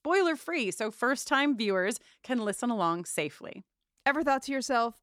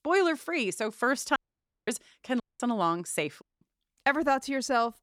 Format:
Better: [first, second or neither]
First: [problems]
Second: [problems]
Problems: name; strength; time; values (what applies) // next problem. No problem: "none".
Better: first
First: none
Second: audio cutting out; at 1.5 s for 0.5 s, at 2.5 s and at 3.5 s